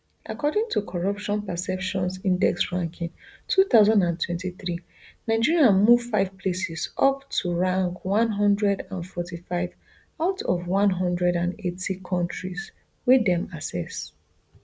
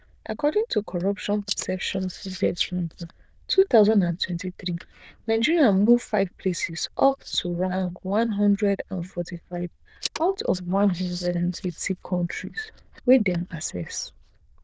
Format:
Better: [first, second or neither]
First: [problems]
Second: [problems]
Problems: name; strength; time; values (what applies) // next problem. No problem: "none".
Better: first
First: none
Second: noise reduction (neural diffusion model UNIVERSE++)